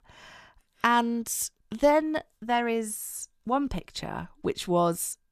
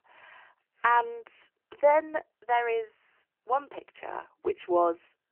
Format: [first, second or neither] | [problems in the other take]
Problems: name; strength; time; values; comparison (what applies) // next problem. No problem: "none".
first | phone-call audio; nothing above 3 kHz